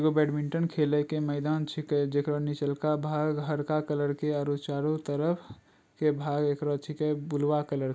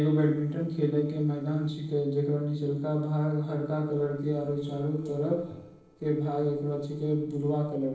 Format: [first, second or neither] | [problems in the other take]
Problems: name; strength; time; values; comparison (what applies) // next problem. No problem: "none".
first | noise reduction (neural separator model SepFormer DNS4)